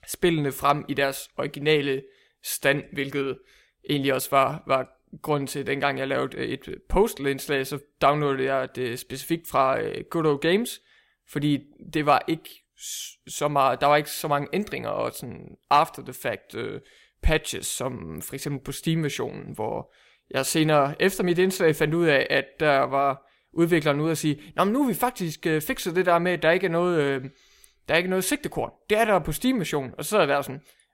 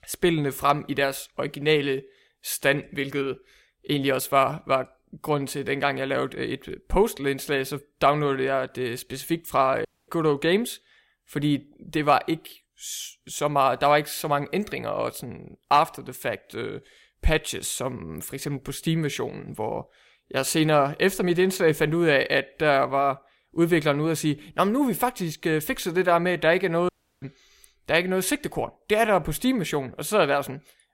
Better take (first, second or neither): first